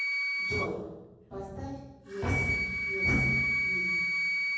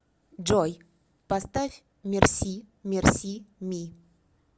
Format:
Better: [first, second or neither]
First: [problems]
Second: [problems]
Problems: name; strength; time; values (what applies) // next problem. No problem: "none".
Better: second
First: background sound (Wind instrument, woodwind instrument); 5 dB above the speech // room echo; dies away in 1.3 s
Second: none